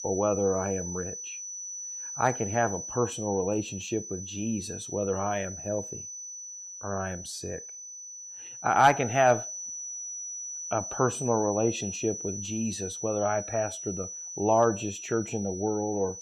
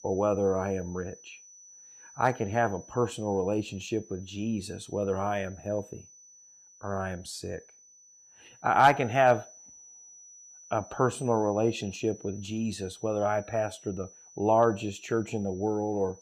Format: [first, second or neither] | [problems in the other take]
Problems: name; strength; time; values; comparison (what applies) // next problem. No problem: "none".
second | high-pitched whine; loud; throughout; 6 kHz, 7 dB below the speech; faint in the second